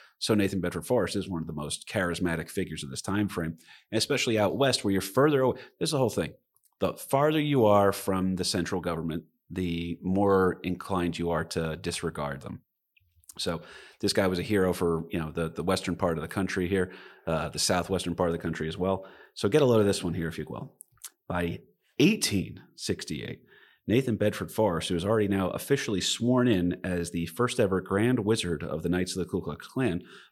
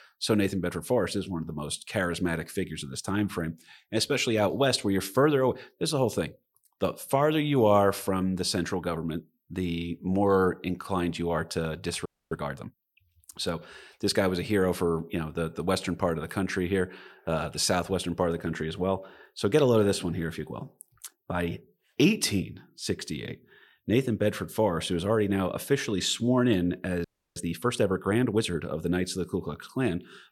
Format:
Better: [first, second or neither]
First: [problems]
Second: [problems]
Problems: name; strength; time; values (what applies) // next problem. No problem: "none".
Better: first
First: none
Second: audio freezing; at 12 s and at 27 s